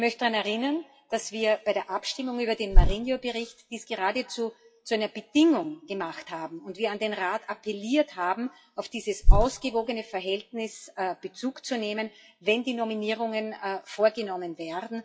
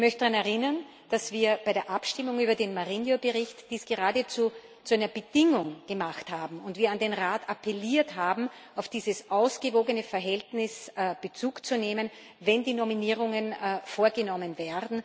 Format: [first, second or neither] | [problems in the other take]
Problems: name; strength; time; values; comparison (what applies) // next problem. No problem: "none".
second | noise reduction (classical method WPE with log-MMSE)